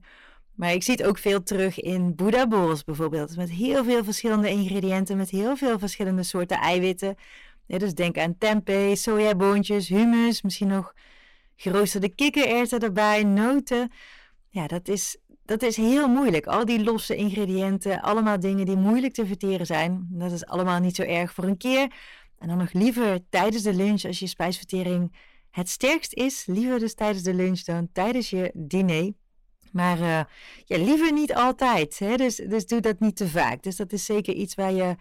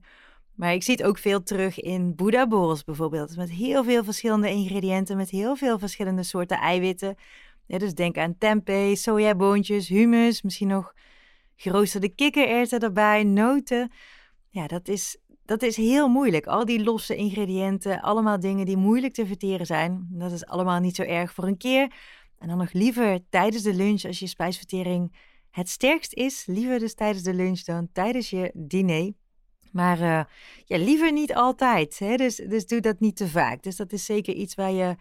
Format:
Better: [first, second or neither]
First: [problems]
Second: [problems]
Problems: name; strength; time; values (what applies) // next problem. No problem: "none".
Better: second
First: distortion; slight; 8% of the sound clipped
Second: none